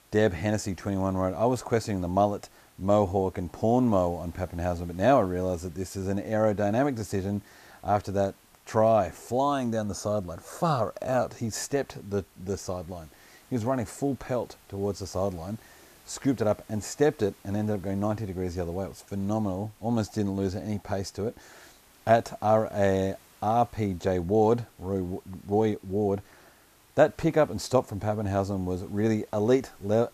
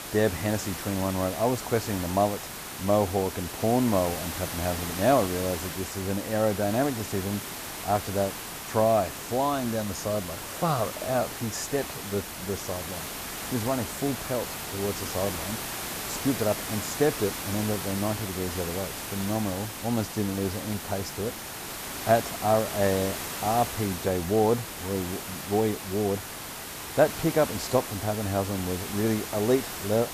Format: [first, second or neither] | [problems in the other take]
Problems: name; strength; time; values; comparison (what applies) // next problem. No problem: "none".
first | hiss; loud; throughout; 6 dB below the speech; faint in the first